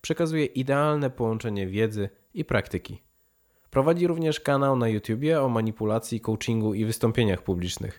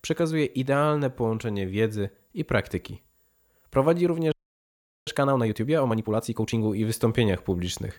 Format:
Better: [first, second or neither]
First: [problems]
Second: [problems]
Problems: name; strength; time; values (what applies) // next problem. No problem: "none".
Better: first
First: none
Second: audio freezing; at 4.5 s for 1 s